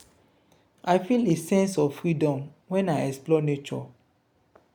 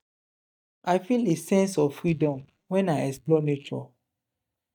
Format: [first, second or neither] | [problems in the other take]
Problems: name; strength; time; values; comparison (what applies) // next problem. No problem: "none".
first | noise reduction (neural mask model DeepFilterNet 3)